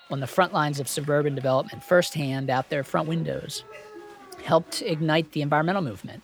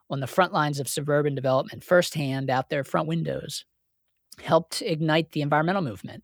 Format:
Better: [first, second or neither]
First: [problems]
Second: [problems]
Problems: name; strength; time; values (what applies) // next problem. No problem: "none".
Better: second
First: crowd noise; faint; throughout; 20 dB below the speech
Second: none